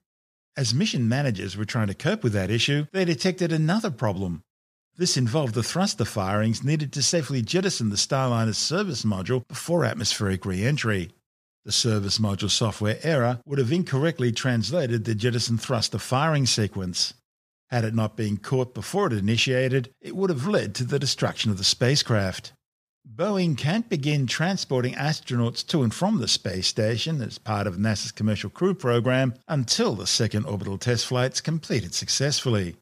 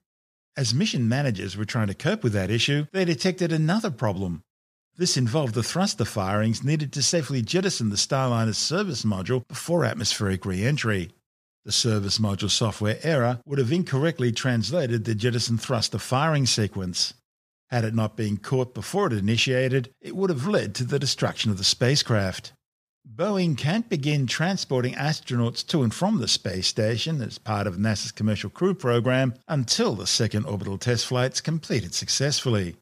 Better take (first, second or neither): neither